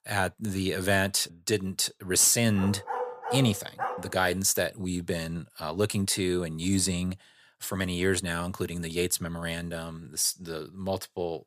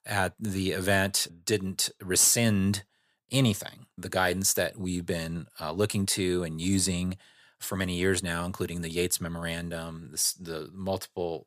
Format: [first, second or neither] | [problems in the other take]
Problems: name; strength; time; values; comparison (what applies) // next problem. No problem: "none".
second | dog barking; noticeable; from 2.5 to 4 s; peak 6 dB below the speech